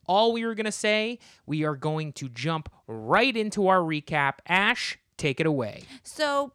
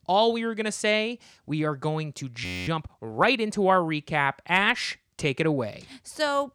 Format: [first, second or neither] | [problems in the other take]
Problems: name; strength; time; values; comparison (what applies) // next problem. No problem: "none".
first | audio freezing; at 2.5 s